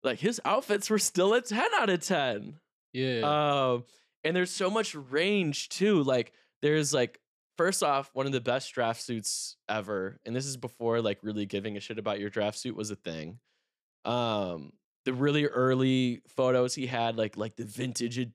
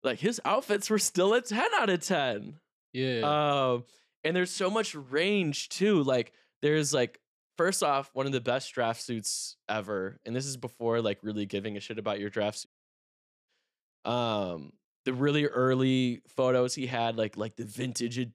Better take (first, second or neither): first